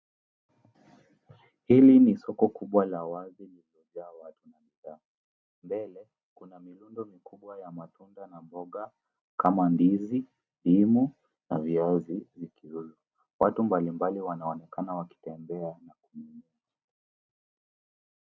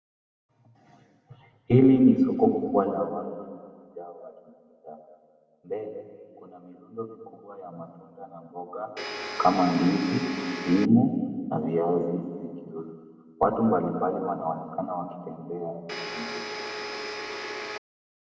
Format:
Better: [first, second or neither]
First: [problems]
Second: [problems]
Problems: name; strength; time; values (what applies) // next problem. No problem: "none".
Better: first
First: none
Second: background sound (Domestic sounds, home sounds); 7 dB below the speech // room echo; dies away in 2.1 s